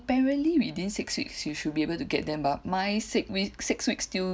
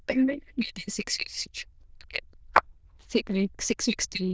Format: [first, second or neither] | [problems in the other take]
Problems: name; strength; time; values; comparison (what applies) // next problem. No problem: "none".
first | noise reduction (neural diffusion model UNIVERSE++)